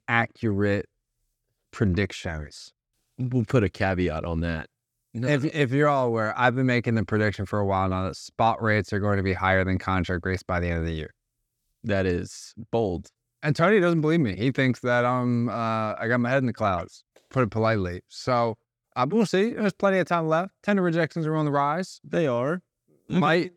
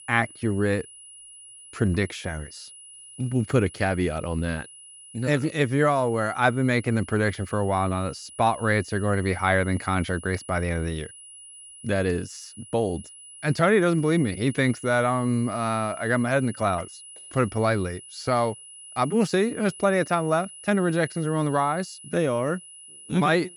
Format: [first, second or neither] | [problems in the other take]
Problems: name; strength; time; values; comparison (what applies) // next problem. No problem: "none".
first | high-pitched whine; noticeable; throughout; 10 kHz, 15 dB below the speech